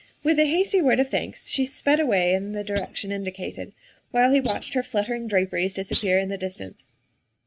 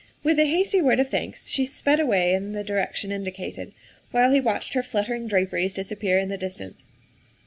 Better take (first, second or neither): second